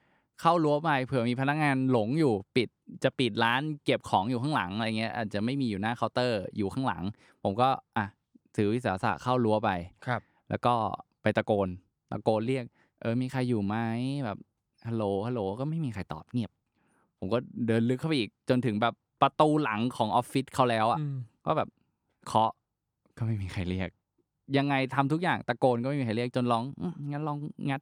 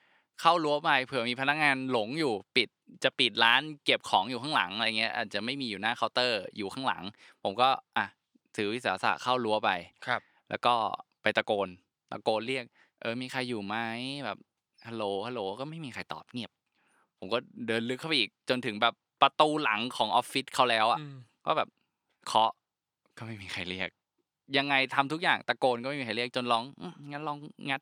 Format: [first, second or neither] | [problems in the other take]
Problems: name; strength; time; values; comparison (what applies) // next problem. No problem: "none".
first | thin; somewhat; fading below 1 kHz